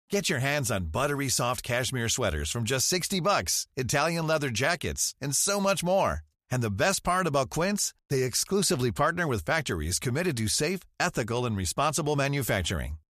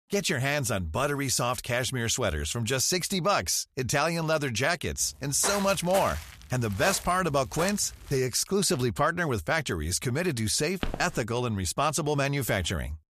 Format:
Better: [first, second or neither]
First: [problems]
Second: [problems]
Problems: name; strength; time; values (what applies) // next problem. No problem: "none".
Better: first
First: none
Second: footsteps; noticeable; from 5 to 8 s and at 11 s; peak 6 dB below the speech